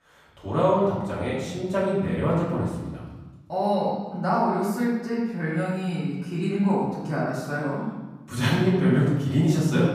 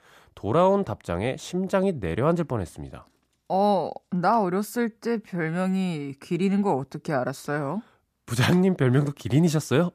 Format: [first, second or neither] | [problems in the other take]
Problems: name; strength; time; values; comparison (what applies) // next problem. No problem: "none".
second | off-mic speech; far // room echo; noticeable; dies away in 1.1 s